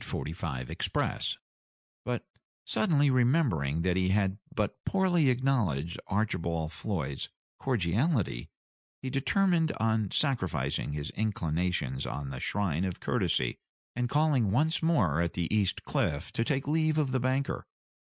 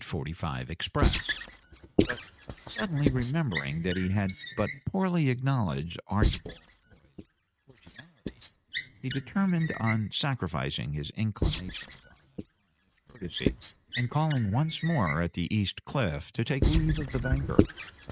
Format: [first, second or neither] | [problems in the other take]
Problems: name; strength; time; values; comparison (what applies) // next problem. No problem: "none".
first | noise reduction (neural mask model RNNoise)